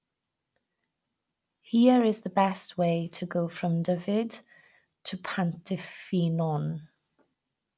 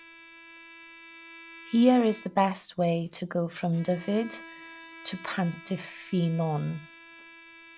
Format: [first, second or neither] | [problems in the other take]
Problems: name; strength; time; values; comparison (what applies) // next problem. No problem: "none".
first | background sound (Bowed string instrument); 19 dB below the speech